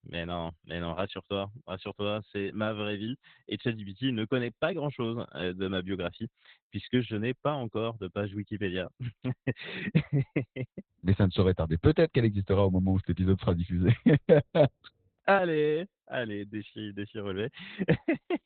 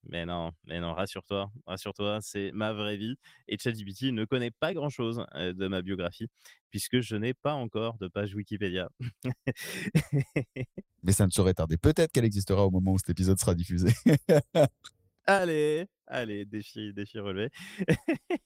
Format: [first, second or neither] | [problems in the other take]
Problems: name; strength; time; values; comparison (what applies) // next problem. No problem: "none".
second | garbled, watery; badly; nothing above 4 kHz; slightly in the second